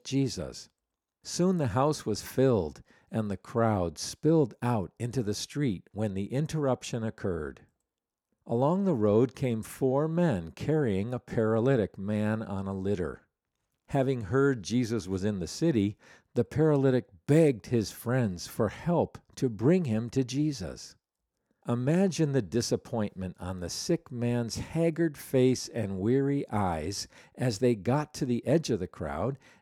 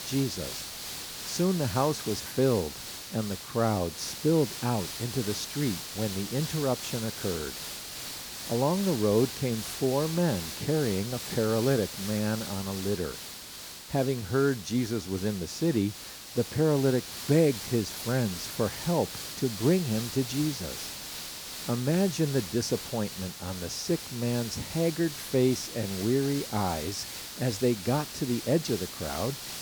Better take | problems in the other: first | hiss; loud; throughout; 8 dB below the speech

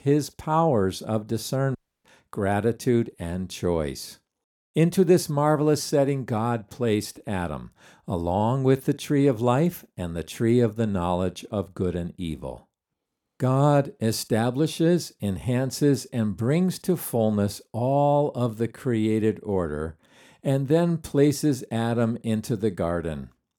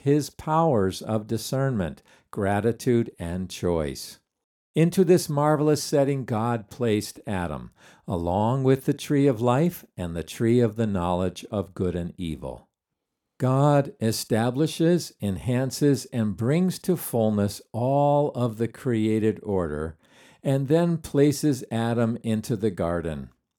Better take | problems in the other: second | audio cutting out; at 2 s

